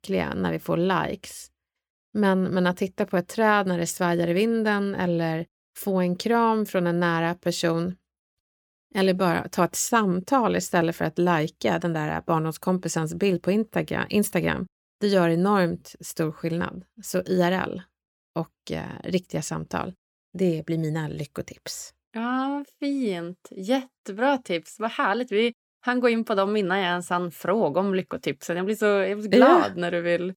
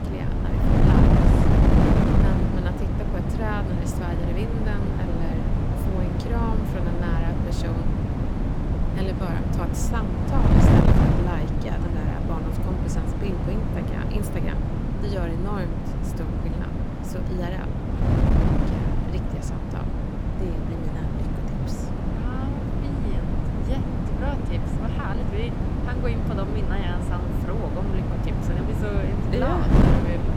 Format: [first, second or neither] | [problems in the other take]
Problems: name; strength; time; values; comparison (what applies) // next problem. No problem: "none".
first | wind noise on the microphone; heavy; 3 dB above the speech